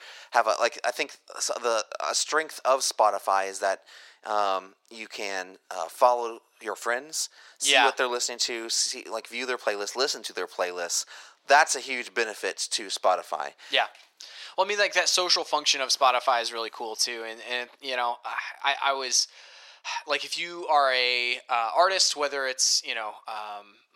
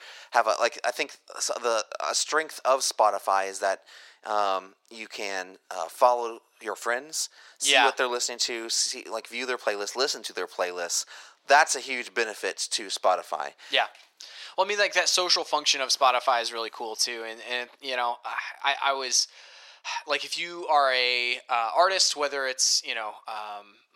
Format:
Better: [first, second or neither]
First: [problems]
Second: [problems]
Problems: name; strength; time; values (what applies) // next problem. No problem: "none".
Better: neither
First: thin; very; fading below 550 Hz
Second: thin; very; fading below 550 Hz